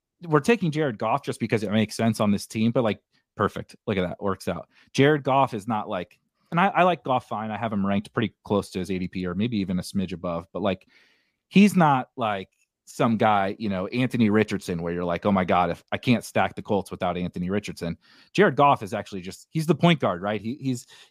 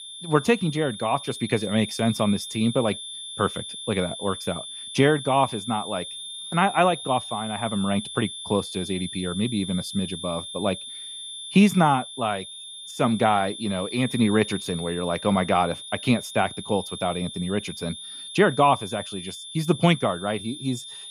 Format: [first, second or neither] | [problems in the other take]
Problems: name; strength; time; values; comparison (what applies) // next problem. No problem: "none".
first | high-pitched whine; loud; throughout; 3.5 kHz, 10 dB below the speech